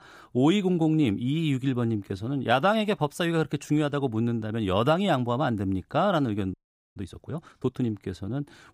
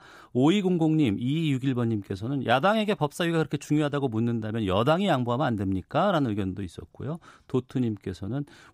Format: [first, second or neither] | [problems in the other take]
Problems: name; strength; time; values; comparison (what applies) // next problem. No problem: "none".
second | audio freezing; at 6.5 s